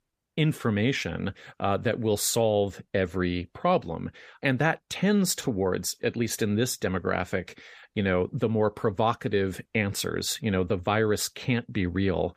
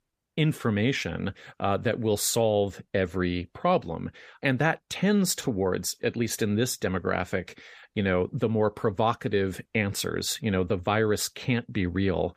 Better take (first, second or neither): neither